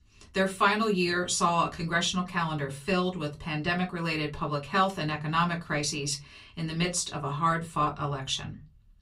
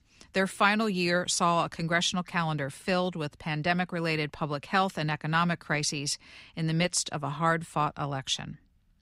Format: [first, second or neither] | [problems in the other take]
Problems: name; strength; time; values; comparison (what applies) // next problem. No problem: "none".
second | off-mic speech; far // room echo; very slight; dies away in 0.2 s